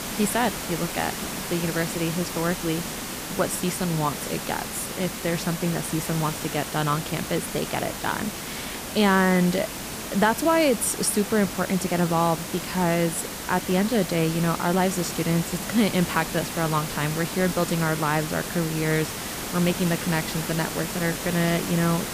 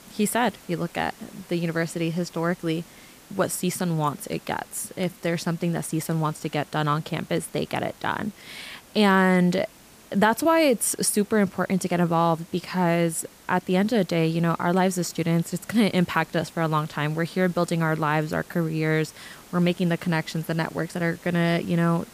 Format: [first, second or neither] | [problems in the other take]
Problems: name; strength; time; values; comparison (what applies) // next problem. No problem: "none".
second | hiss; loud; throughout; 6 dB below the speech; faint in the second